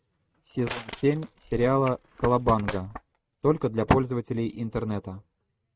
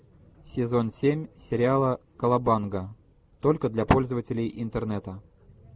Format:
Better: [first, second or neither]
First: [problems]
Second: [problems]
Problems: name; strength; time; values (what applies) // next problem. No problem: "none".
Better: second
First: noise reduction (neural mask model RNNoise)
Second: none